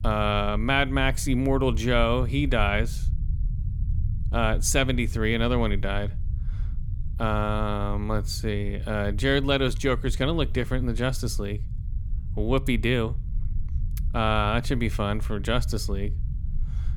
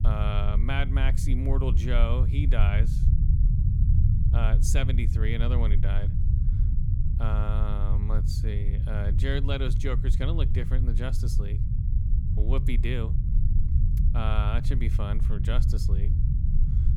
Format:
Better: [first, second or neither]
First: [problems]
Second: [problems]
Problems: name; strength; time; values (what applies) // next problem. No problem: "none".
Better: first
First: low rumble; faint; throughout; 20 dB below the speech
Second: low rumble; loud; throughout; 6 dB below the speech